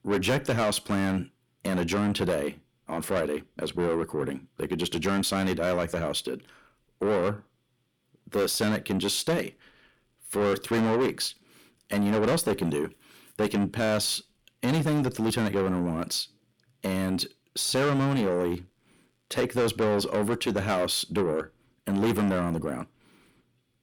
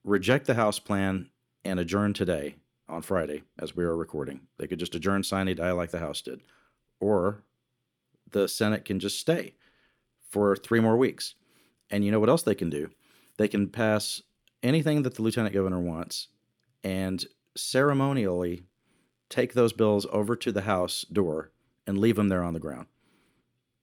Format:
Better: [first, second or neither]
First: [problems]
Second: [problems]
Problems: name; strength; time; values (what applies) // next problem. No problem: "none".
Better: second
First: distortion; heavy; 6 dB below the speech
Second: none